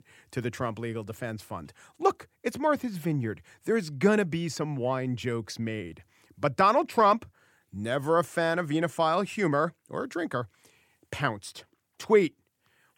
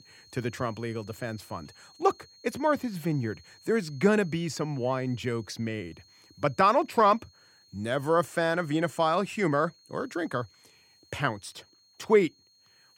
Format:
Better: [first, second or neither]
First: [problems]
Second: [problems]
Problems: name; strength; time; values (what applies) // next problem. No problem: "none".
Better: first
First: none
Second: high-pitched whine; faint; throughout; 4.5 kHz, 30 dB below the speech